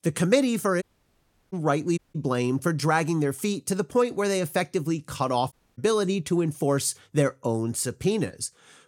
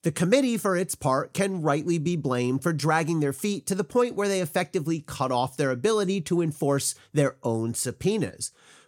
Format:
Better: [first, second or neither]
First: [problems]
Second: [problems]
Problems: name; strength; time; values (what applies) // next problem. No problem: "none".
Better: second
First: audio cutting out; at 1 s for 0.5 s, at 2 s and at 5.5 s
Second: none